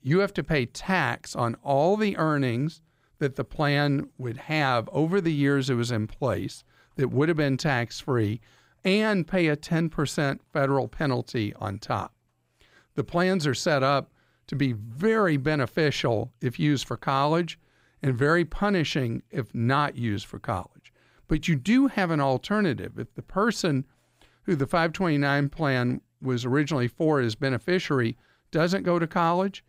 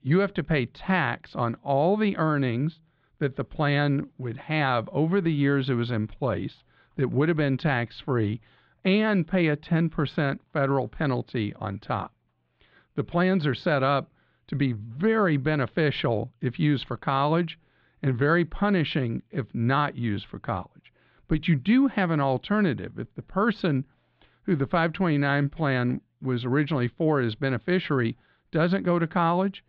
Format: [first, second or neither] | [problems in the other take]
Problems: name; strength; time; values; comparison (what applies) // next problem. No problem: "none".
first | muffled; slightly; fading above 3.5 kHz